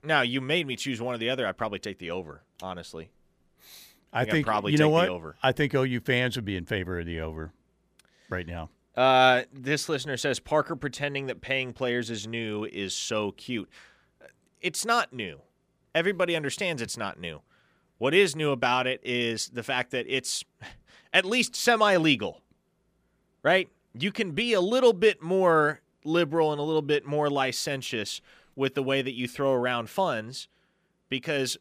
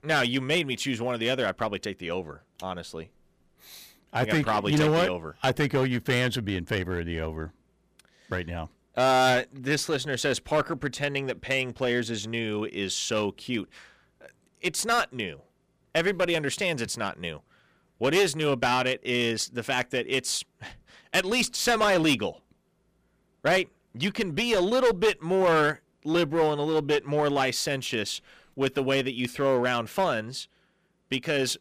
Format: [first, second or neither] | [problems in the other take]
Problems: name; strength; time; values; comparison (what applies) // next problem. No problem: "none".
first | distortion; slight; 6% of the sound clipped